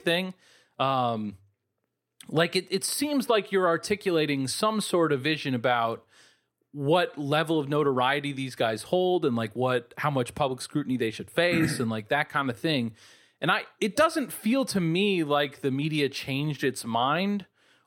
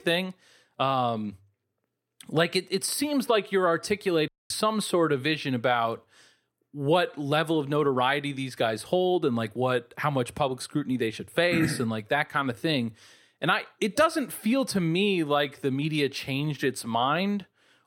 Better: first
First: none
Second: audio cutting out; at 4.5 s

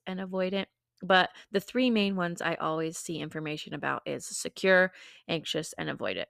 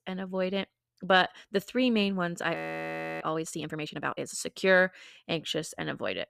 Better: first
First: none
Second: audio freezing; at 2.5 s for 0.5 s

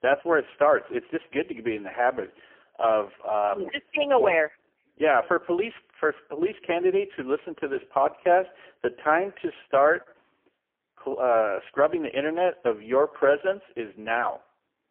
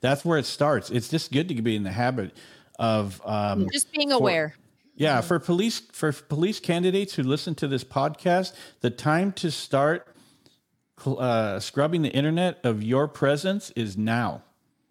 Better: second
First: phone-call audio; poor line; nothing above 3 kHz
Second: none

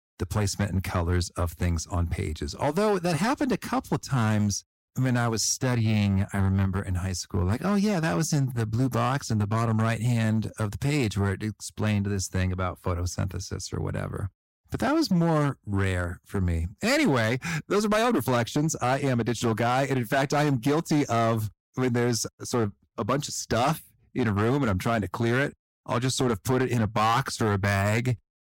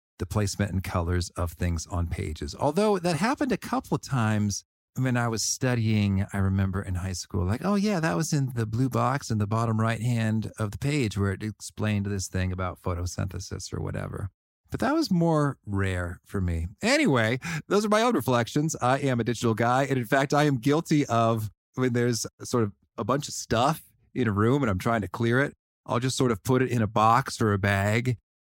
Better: second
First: distortion; slight; 7% of the sound clipped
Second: none

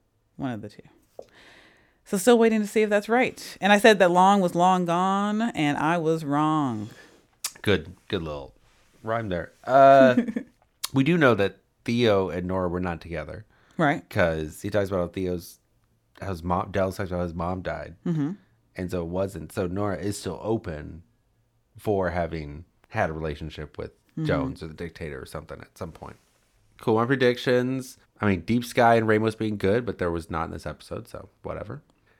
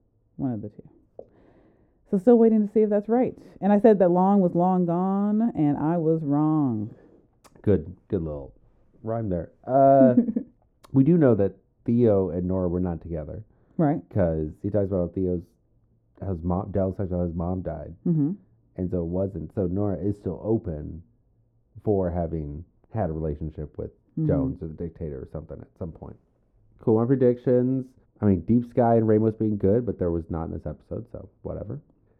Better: first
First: none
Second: muffled; very; fading above 1 kHz

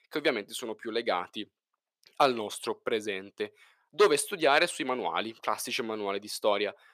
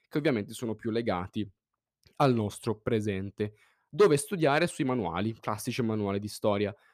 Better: second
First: thin; somewhat; fading below 500 Hz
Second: none

